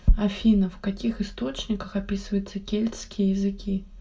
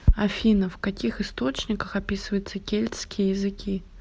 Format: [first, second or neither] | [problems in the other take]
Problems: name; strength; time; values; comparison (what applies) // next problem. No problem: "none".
second | room echo; dies away in 0.2 s